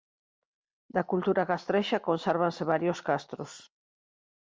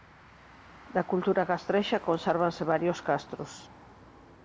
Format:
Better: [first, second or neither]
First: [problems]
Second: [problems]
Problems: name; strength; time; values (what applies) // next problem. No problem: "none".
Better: first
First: none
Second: background sound (Motor vehicle (road)); 20 dB below the speech